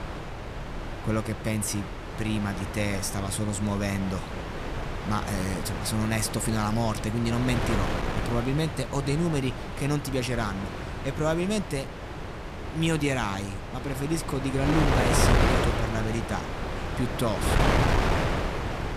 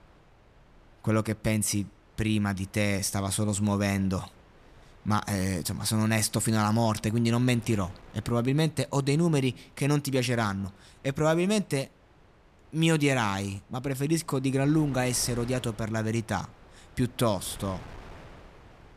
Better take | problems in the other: second | wind noise on the microphone; heavy; as loud as the speech; occasional gusts in the second

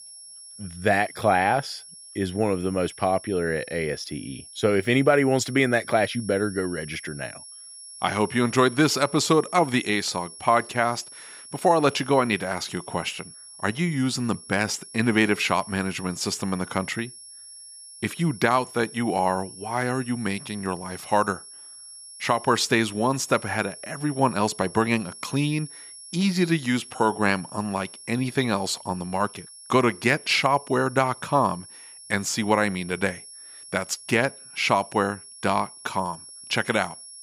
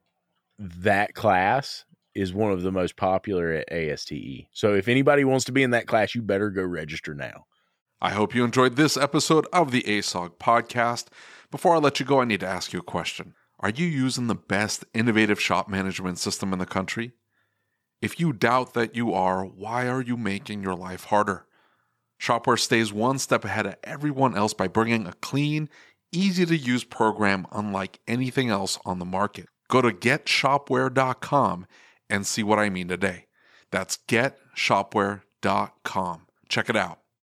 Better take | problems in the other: second | high-pitched whine; noticeable; throughout; 10.5 kHz, 15 dB below the speech

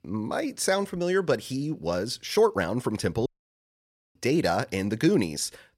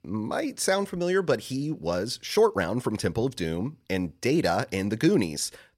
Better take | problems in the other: second | audio cutting out; at 3.5 s for 1 s

